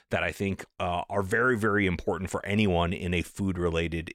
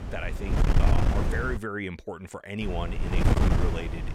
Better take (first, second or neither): first